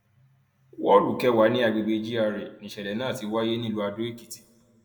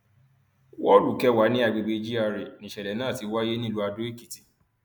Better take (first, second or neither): second